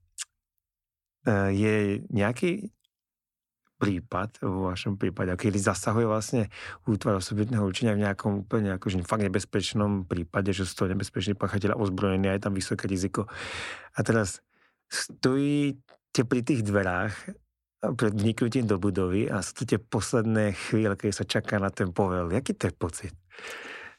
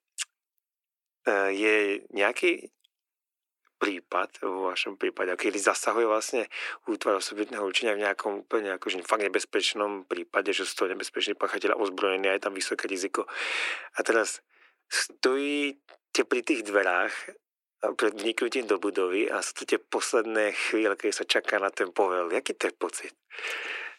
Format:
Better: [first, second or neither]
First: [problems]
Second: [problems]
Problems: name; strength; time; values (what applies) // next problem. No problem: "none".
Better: first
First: none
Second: thin; very; fading below 350 Hz